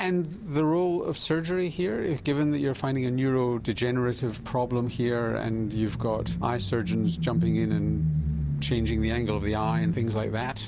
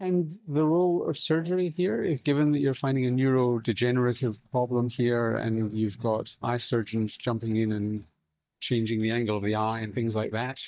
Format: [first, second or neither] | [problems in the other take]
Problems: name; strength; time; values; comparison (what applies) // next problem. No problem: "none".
first | noise reduction (neural mask model DeepFilterNet 3)